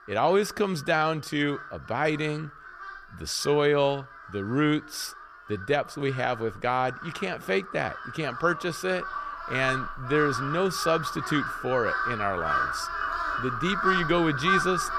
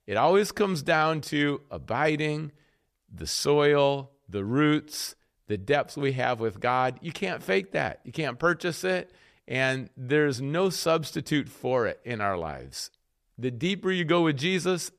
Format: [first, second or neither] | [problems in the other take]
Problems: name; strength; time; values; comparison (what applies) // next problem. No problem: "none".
second | animal sounds; loud; throughout; 3 dB below the speech